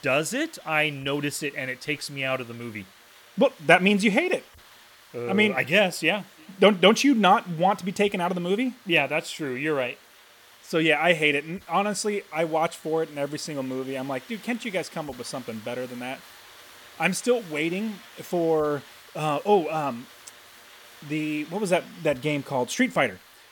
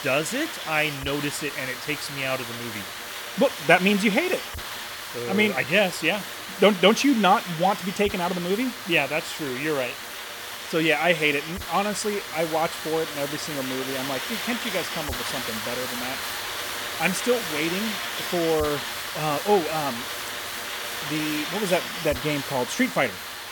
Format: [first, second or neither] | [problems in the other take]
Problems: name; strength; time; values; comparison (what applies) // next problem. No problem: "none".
first | hiss; loud; throughout; 6 dB below the speech; faint in the first